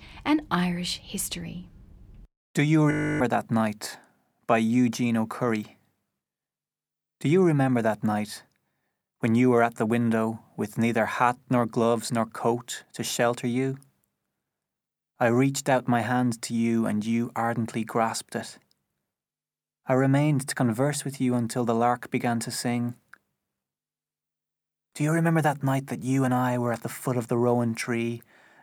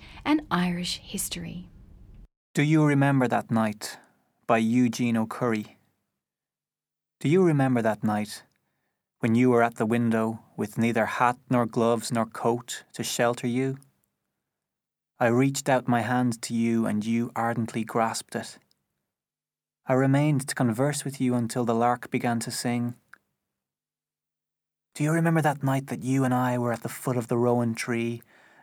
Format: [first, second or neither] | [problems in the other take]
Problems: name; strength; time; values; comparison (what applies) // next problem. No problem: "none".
second | audio freezing; at 3 s